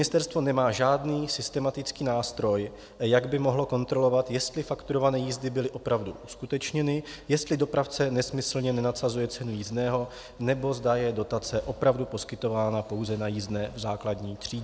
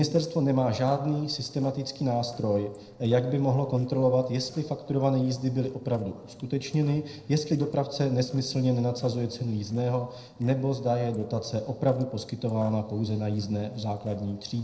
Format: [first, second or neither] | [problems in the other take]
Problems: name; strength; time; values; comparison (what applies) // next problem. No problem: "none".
first | noise reduction (neural separator model SepFormer DNS4)